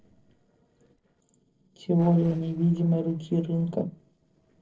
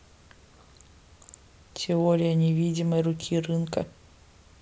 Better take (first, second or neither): second